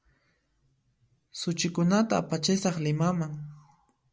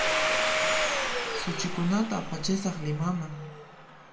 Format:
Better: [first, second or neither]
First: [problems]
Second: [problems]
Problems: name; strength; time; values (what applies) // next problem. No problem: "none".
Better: first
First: none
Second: background sound (Domestic sounds, home sounds); 2 dB above the speech // room echo; dies away in 0.4 s